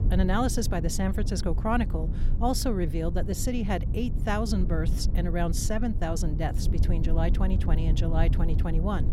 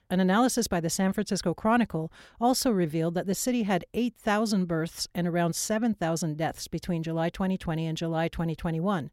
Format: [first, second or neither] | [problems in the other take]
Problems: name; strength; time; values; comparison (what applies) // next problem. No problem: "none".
second | low rumble; noticeable; throughout; 10 dB below the speech